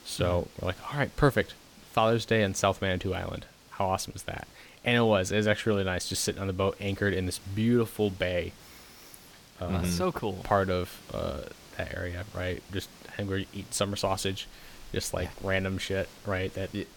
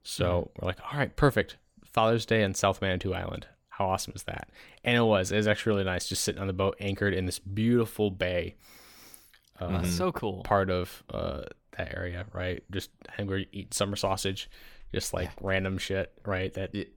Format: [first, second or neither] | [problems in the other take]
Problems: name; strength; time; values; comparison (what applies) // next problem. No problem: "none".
second | hiss; faint; throughout; 20 dB below the speech